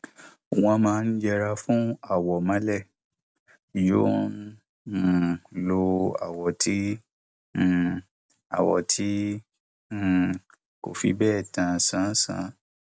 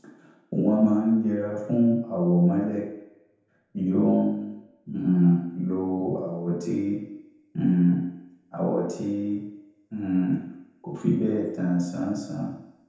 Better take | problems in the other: first | room echo; dies away in 0.9 s

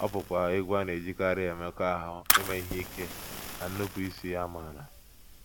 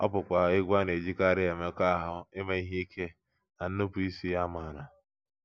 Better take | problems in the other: second | background sound (Fire); 3 dB below the speech

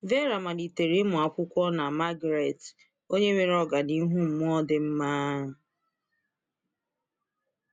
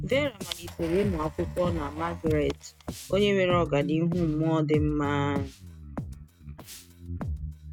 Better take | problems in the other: first | noise reduction (neural mask model RNNoise)

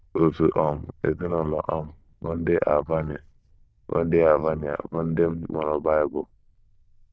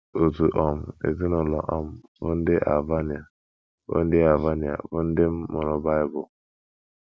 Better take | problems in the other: second | noise reduction (neural diffusion model UNIVERSE++)

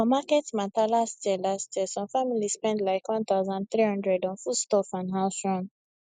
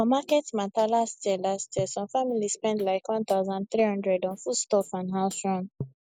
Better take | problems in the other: first | noise reduction (neural mask model Resemble Enhance denoiser)

